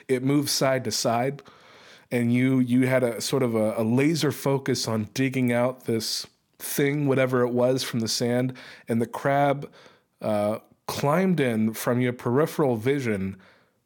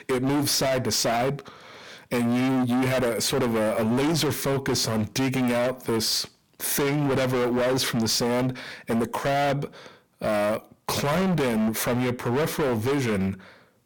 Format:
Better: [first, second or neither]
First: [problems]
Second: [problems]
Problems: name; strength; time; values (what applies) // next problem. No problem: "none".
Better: first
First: none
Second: distortion; heavy; 30% of the sound clipped